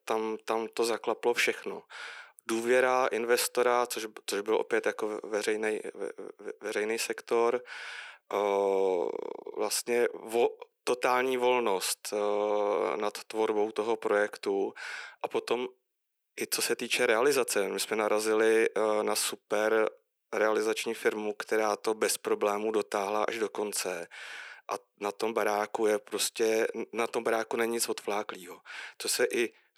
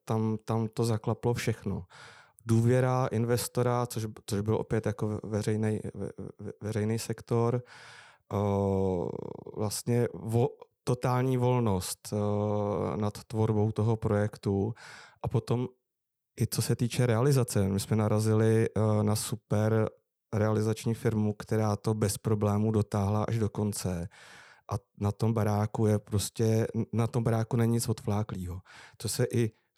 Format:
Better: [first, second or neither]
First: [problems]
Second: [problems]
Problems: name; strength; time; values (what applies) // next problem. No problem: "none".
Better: second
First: thin; very; fading below 350 Hz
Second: none